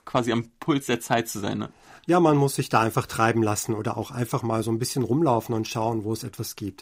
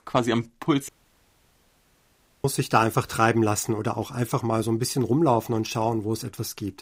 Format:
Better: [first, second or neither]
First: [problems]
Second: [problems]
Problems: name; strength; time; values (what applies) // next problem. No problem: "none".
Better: first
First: none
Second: audio cutting out; at 1 s for 1.5 s